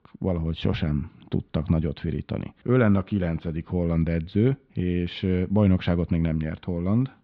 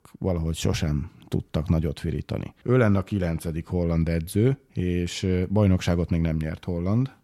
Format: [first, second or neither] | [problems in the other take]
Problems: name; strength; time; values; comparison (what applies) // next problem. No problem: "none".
second | muffled; slightly; fading above 3.5 kHz